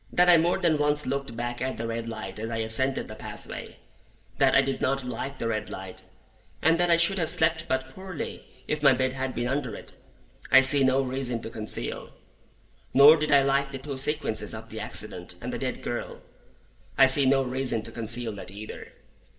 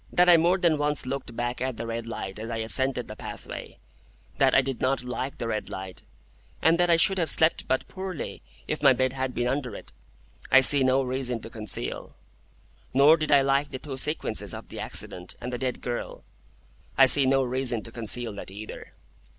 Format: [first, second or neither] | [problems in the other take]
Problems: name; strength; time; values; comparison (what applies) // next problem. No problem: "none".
second | room echo; dies away in 1.6 s